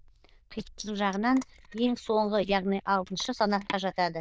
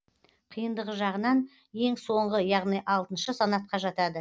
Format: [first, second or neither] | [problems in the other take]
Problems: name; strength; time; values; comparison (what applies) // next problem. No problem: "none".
second | noise reduction (neural diffusion model UNIVERSE++)